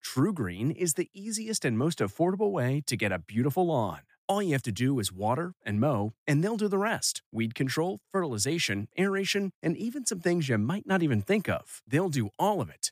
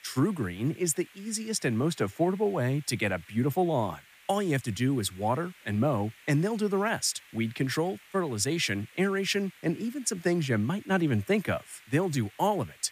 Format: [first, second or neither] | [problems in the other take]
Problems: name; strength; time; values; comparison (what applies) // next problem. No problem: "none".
first | hiss; faint; throughout; 25 dB below the speech